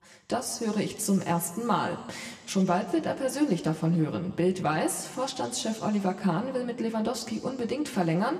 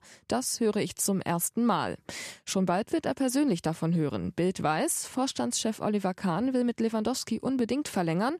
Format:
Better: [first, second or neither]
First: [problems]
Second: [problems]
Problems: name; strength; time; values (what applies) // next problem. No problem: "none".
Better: second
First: room echo; very slight; dies away in 1.6 s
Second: none